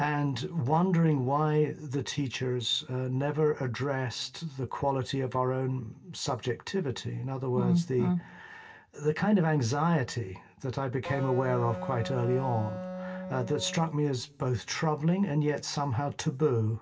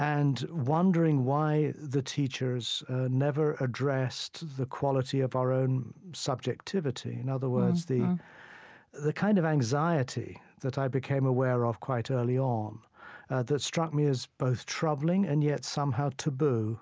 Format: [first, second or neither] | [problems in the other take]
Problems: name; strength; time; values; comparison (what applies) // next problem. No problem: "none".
second | background sound (Wind instrument, woodwind instrument); 9 dB below the speech // room echo; dies away in 0.2 s